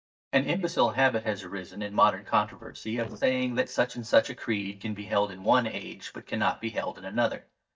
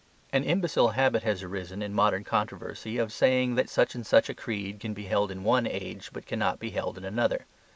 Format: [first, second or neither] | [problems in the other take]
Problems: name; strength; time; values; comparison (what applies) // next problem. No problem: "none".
second | noise reduction (neural mask model DeepFilterNet 3)